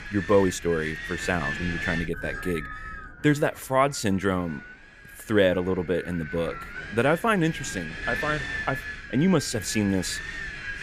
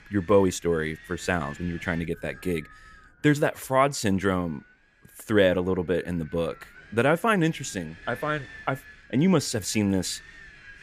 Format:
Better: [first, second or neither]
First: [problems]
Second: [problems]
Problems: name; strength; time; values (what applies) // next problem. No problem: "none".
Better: second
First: wind noise on the microphone; heavy; 6 dB below the speech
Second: wind noise on the microphone; occasional gusts; 20 dB below the speech